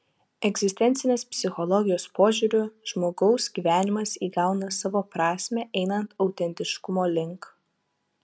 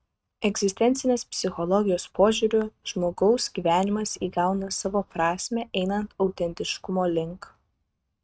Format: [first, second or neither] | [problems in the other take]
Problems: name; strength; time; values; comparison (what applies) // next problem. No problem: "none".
first | noise reduction (neural mask model RNNoise)